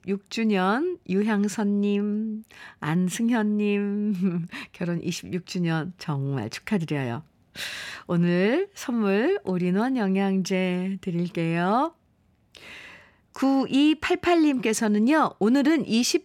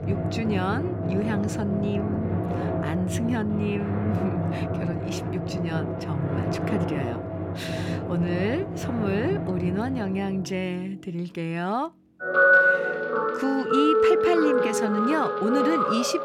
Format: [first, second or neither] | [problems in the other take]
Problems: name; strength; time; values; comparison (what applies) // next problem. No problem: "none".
first | background music; very loud; throughout; 3 dB above the speech